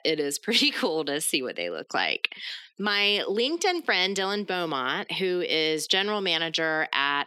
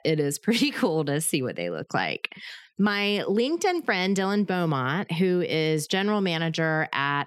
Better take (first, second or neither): second